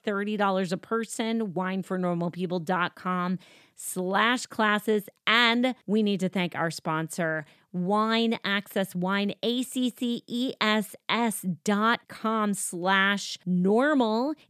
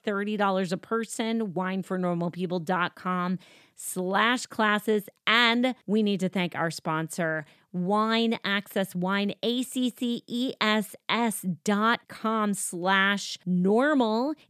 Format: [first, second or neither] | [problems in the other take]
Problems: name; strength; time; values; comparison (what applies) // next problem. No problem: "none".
neither | none